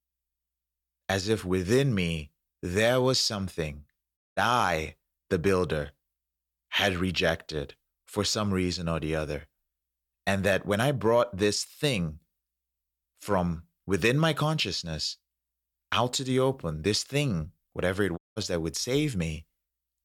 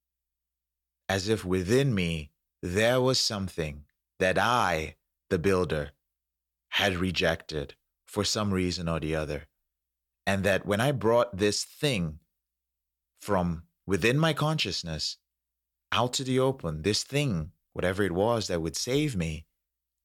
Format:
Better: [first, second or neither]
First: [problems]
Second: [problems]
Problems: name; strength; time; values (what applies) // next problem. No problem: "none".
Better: second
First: audio cutting out; at 4 s and at 18 s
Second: none